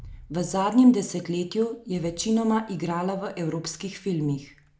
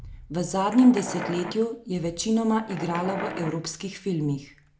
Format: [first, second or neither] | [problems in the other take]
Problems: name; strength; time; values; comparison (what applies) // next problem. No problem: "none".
first | background sound (Wild animals); 11 dB below the speech